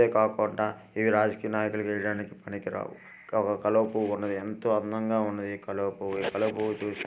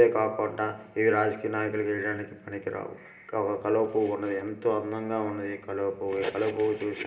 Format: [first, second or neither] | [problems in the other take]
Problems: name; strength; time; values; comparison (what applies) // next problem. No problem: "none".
first | room echo; dies away in 0.9 s